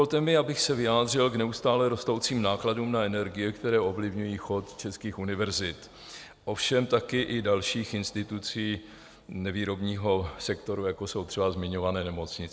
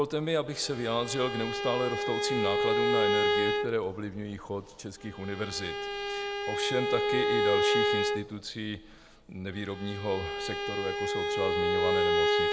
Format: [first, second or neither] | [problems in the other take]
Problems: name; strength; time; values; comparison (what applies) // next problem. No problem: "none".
first | background sound (Bowed string instrument); 3 dB above the speech